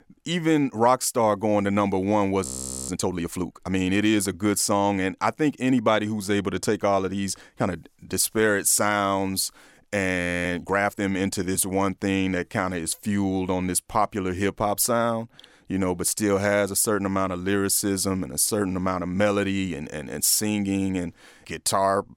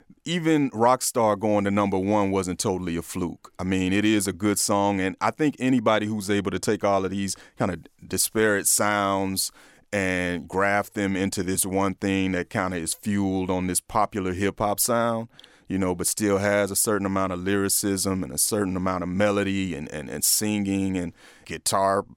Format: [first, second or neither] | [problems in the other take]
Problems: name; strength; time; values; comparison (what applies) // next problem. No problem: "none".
second | audio freezing; at 2.5 s and at 10 s